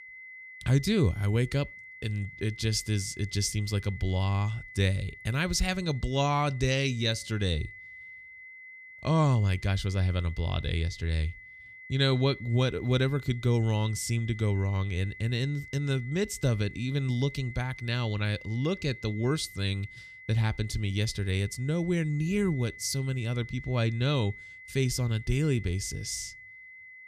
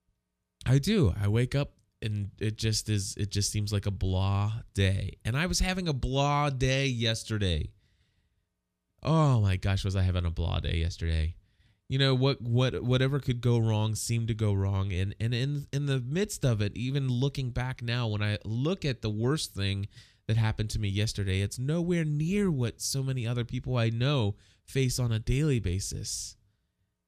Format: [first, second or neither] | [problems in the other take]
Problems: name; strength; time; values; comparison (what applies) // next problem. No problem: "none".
second | high-pitched whine; noticeable; throughout; 2 kHz, 15 dB below the speech